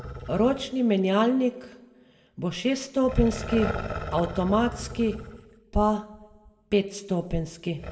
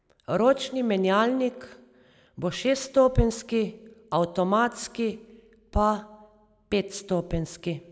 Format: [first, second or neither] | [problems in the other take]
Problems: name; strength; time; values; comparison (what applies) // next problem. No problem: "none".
second | background sound (Growling); 12 dB below the speech // room echo; dies away in 0.5 s